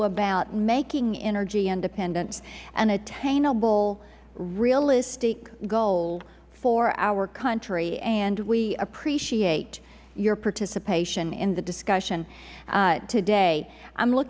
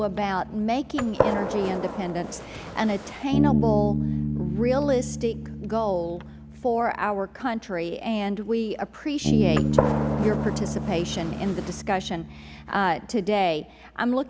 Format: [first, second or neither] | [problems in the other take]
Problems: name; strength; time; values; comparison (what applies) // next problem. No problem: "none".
first | background sound (Bass guitar + Gunshot, gunfire); 2 dB below the speech